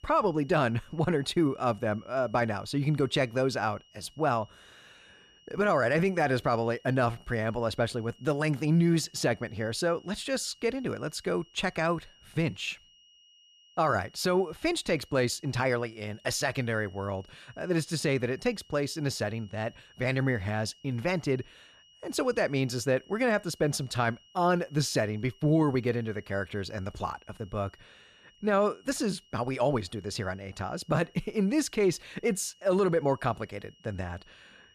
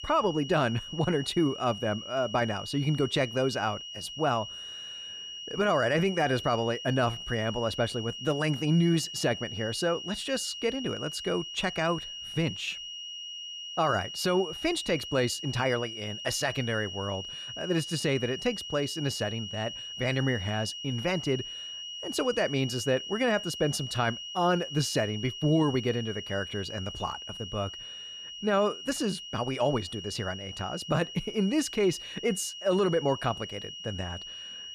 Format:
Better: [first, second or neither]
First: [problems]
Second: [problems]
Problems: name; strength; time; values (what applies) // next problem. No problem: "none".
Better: first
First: high-pitched whine; faint; throughout; 3 kHz, 30 dB below the speech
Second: high-pitched whine; loud; throughout; 3 kHz, 8 dB below the speech